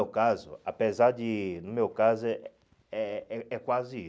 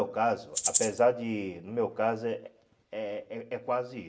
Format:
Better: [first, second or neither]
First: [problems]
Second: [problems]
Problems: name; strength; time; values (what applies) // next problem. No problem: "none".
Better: first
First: none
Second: background sound (Rattle (instrument)); 2 dB above the speech // room echo; dies away in 0.6 s